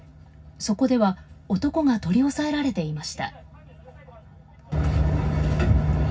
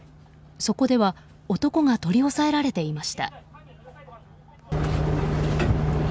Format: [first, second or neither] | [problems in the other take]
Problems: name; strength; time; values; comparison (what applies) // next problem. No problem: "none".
second | room echo; dies away in 0.4 s